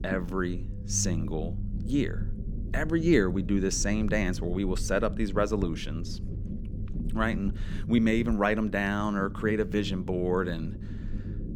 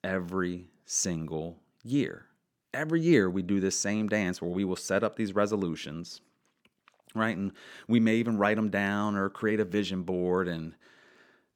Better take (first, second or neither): second